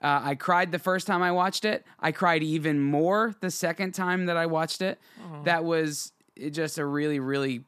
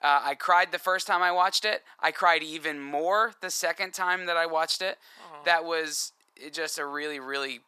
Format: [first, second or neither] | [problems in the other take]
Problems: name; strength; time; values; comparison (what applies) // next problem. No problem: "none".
first | thin; very; fading below 750 Hz